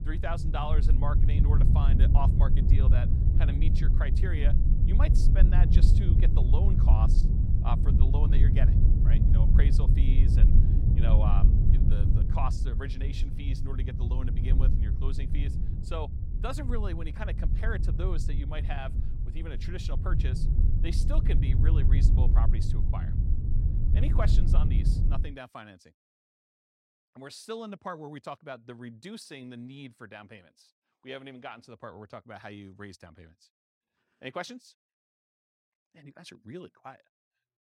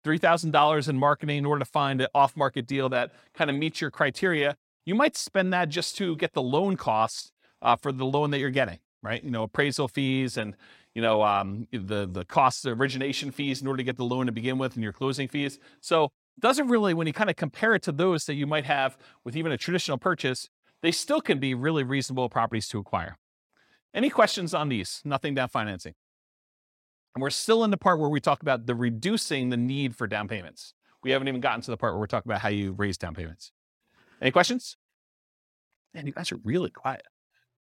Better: second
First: low rumble; loud; until 25 s; 2 dB below the speech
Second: none

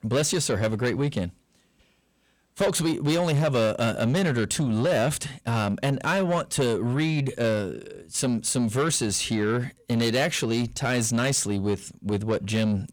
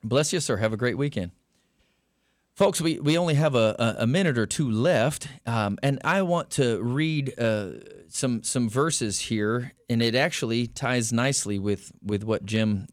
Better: second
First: distortion; slight; 10 dB below the speech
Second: none

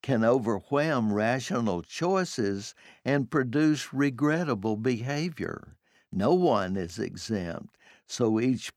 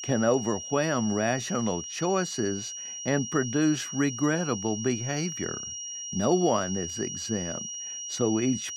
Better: first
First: none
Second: high-pitched whine; loud; throughout; 5.5 kHz, 6 dB below the speech

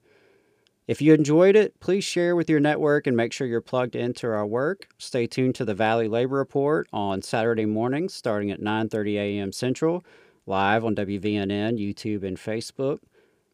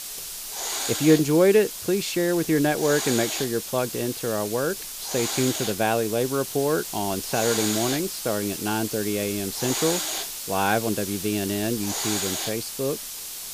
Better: first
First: none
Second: hiss; loud; throughout; 4 dB below the speech

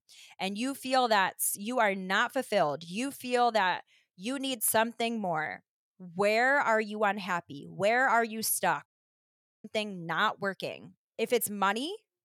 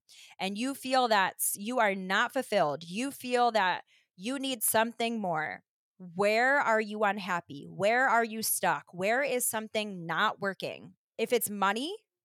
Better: second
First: audio cutting out; at 9 s for 1 s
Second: none

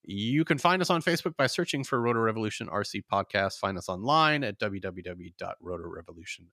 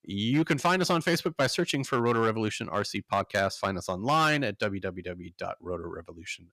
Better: first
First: none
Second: distortion; slight; 3% of the sound clipped

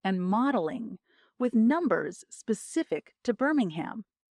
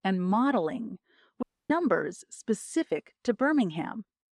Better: first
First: none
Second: audio cutting out; at 1.5 s

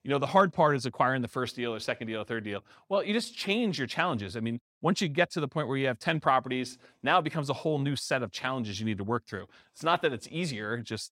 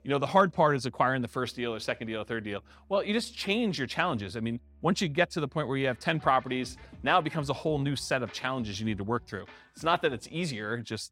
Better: first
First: none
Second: background music; faint; throughout; 25 dB below the speech

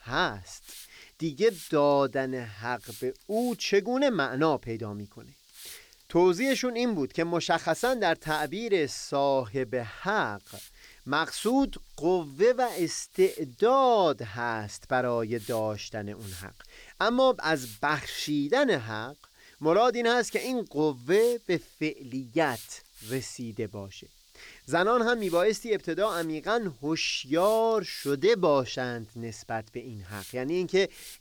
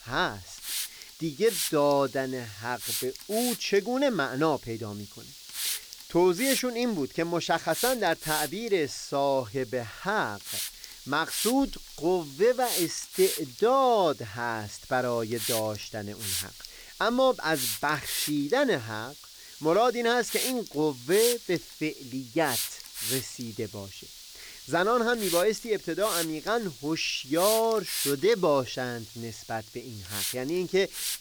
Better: first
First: hiss; faint; throughout; 20 dB below the speech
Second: hiss; loud; throughout; 6 dB below the speech

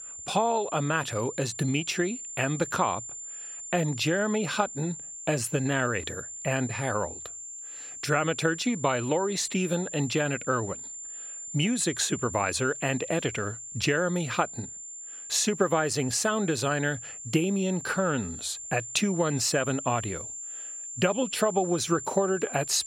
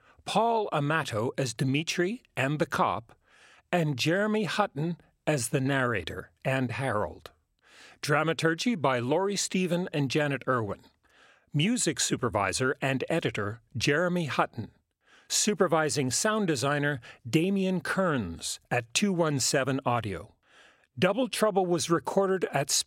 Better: second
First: high-pitched whine; loud; throughout; 7 kHz, 9 dB below the speech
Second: none

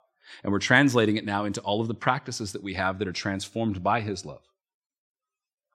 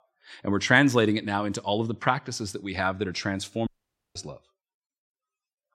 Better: first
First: none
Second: audio cutting out; at 3.5 s

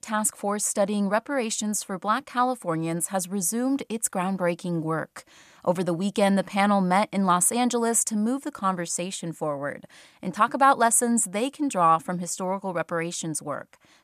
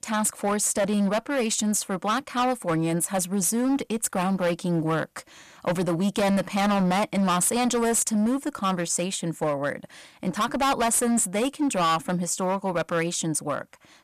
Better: first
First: none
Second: distortion; heavy; 16% of the sound clipped

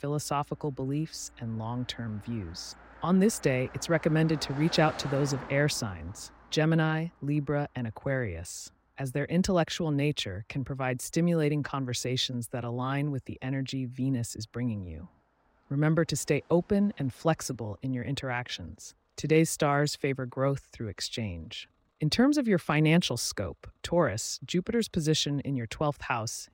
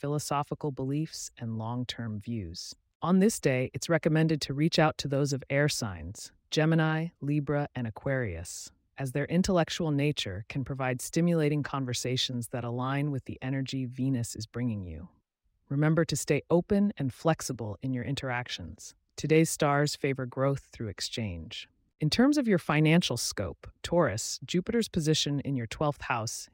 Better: second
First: traffic noise; noticeable; throughout; 20 dB below the speech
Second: none

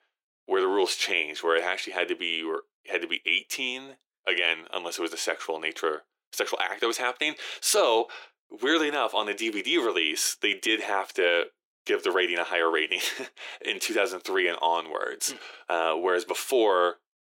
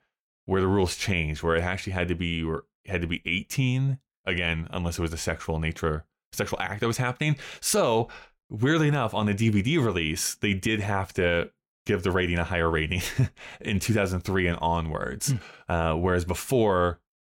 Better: second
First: thin; very; fading below 350 Hz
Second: none

